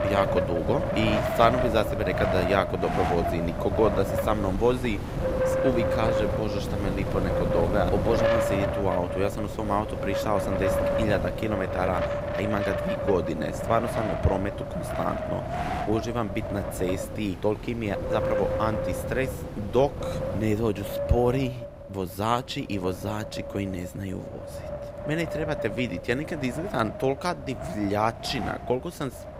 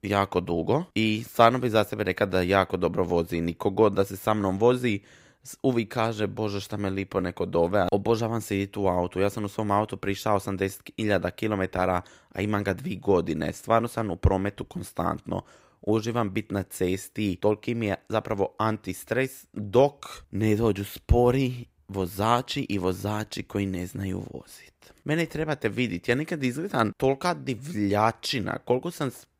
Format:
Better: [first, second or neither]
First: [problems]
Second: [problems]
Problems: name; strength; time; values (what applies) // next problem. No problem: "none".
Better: second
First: wind noise on the microphone; heavy; 1 dB below the speech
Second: none